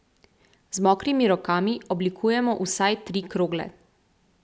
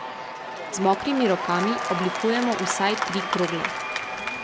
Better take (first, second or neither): first